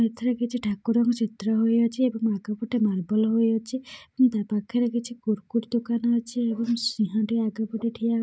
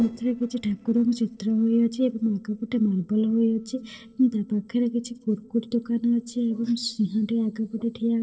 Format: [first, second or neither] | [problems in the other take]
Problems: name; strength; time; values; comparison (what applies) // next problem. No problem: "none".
first | noise reduction (neural separator model SepFormer DNS4)